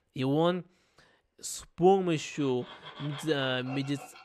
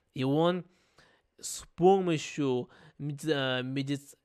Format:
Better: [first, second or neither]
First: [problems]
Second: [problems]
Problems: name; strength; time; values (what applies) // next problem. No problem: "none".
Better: second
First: machinery noise; noticeable; from 2.5 s on; 15 dB below the speech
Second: none